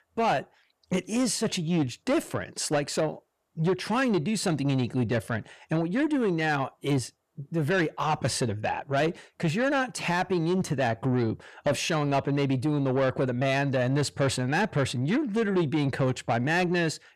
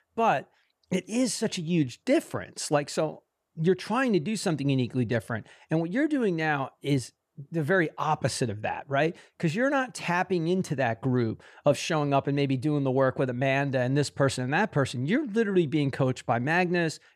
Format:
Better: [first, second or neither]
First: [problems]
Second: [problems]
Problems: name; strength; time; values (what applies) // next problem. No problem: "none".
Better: second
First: distortion; slight; 10 dB below the speech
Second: none